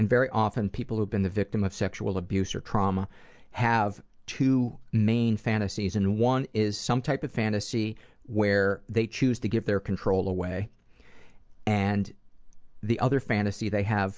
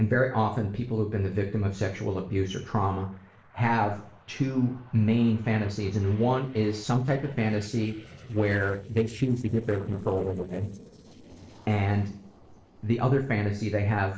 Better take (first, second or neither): first